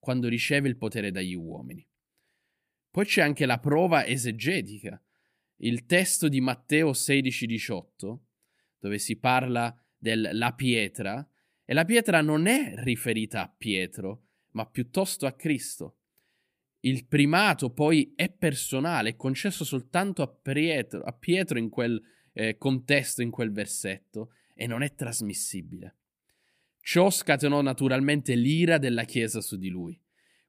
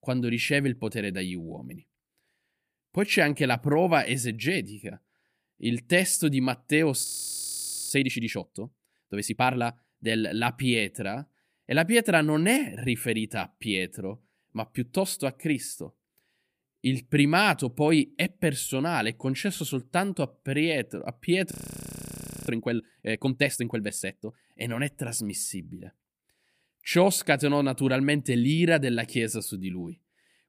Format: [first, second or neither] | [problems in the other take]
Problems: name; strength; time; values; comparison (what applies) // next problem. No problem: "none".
first | audio freezing; at 7 s for 1 s and at 22 s for 1 s